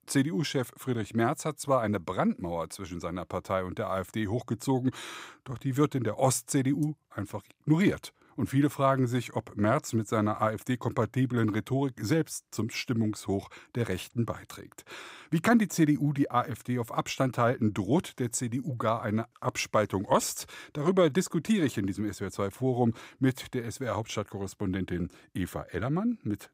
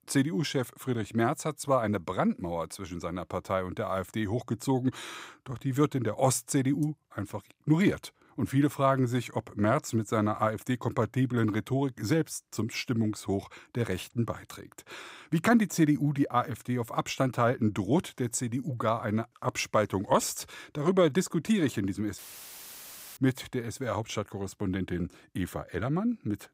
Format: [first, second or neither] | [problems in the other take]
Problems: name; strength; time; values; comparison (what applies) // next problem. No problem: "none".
first | audio cutting out; filled with static; at 22 s for 1 s